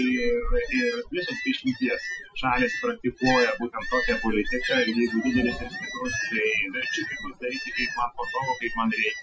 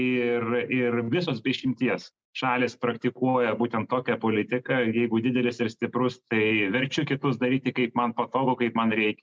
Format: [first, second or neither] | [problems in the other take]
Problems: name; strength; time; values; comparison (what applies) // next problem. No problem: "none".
second | noise reduction (classical method Wiener filter)